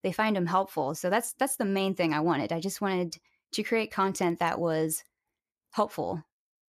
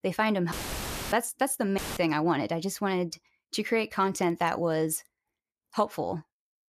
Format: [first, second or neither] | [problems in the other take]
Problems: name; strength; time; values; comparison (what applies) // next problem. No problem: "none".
first | audio cutting out; filled with static; at 0.5 s for 0.5 s and at 2 s